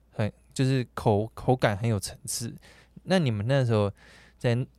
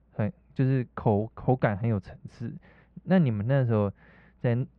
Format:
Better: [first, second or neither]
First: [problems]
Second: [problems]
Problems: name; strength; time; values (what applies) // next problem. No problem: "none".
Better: first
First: none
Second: muffled; very; fading above 2 kHz